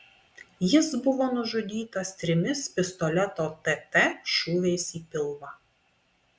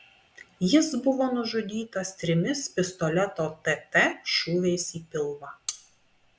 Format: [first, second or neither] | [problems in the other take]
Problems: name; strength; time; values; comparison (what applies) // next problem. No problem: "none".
first | background sound (Cutlery, silverware); 13 dB below the speech